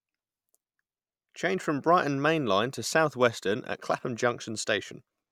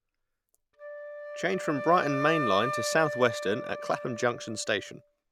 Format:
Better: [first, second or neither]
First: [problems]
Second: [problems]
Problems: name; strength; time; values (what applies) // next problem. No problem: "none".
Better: first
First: none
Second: background sound (Wind instrument, woodwind instrument); 6 dB below the speech